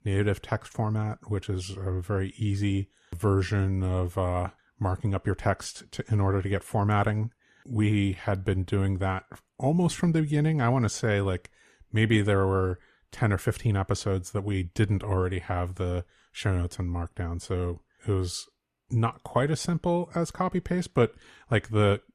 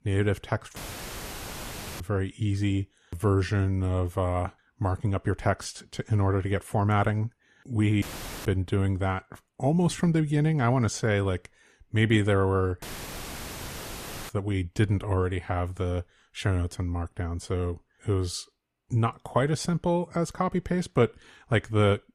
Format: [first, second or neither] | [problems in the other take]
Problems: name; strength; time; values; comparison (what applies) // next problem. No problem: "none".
first | audio cutting out; filled with static; at 1 s for 1 s, at 8 s and at 13 s for 1.5 s